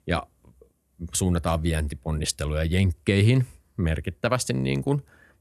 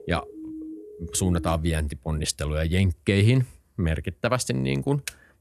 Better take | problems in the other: first | siren; faint; until 1.5 s; peak 10 dB below the speech // keyboard typing; very faint; at 5 s; peak 10 dB below the speech

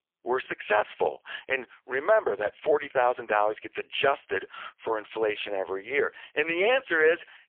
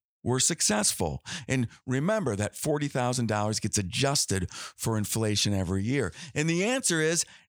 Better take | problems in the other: second | phone-call audio; poor line; nothing above 3 kHz

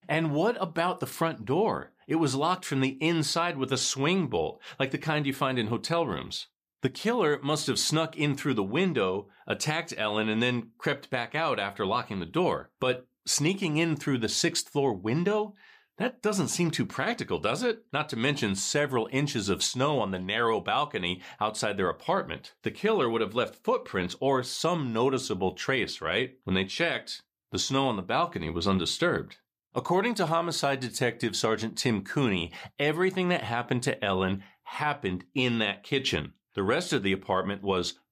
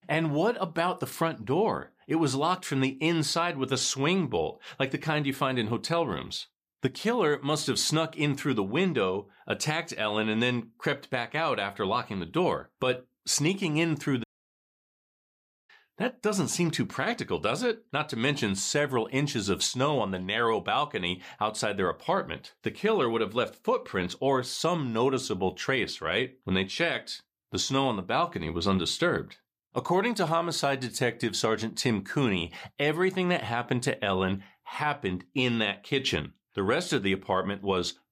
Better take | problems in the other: first | audio cutting out; at 14 s for 1.5 s

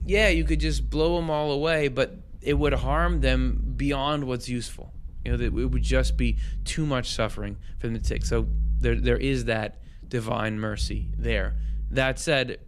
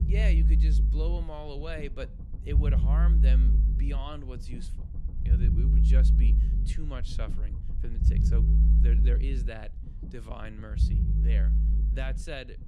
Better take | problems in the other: first | low rumble; loud; throughout; 2 dB below the speech; faint in the first

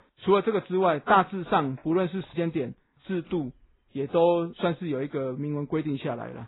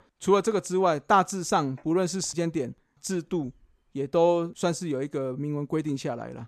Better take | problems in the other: second | garbled, watery; badly; nothing above 4 kHz

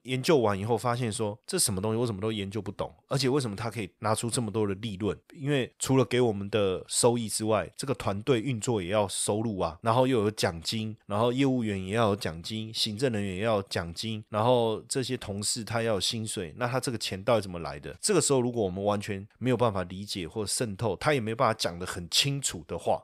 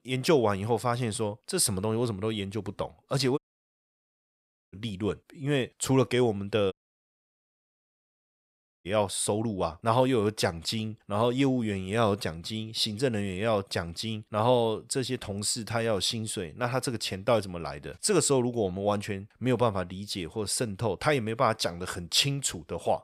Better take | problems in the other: first | audio cutting out; at 3.5 s for 1.5 s and at 6.5 s for 2 s

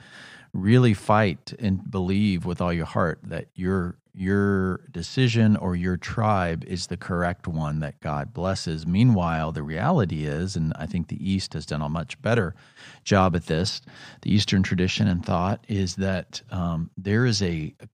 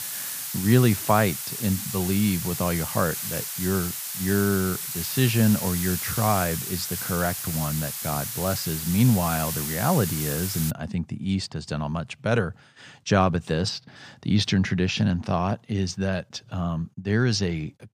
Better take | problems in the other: first | hiss; loud; until 11 s; 4 dB below the speech

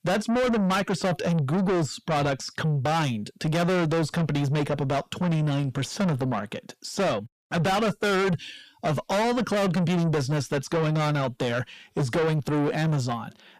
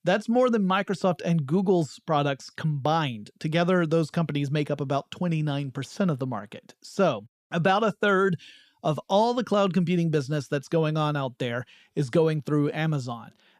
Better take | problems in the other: second | distortion; heavy; 6 dB below the speech

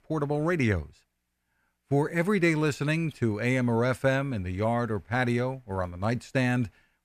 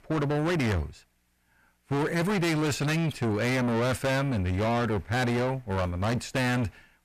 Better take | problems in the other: first | distortion; heavy; 6 dB below the speech

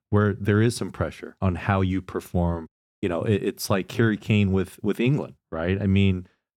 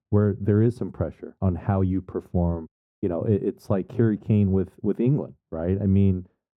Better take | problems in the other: first | muffled; very; fading above 1.5 kHz

